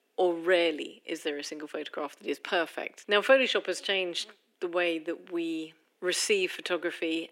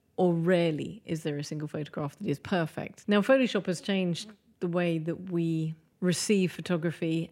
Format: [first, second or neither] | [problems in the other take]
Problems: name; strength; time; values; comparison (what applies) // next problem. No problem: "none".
second | thin; very; fading below 300 Hz